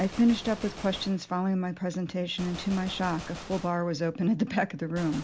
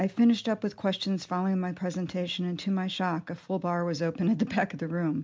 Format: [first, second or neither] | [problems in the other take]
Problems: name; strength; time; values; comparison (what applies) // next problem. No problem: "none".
second | background sound (Gunshot, gunfire); 16 dB below the speech